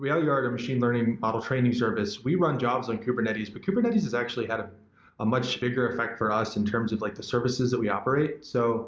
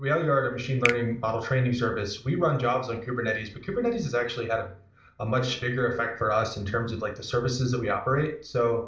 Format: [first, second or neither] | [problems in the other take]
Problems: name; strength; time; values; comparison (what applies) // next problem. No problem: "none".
first | background sound (Finger snapping); 9 dB below the speech // room echo; dies away in 0.4 s